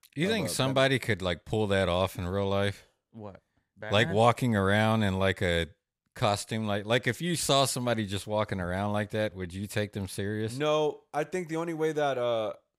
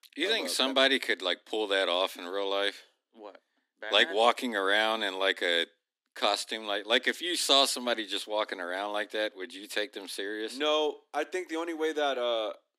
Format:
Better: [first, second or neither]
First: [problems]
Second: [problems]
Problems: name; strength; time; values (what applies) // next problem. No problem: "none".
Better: first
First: none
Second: thin; somewhat; fading below 250 Hz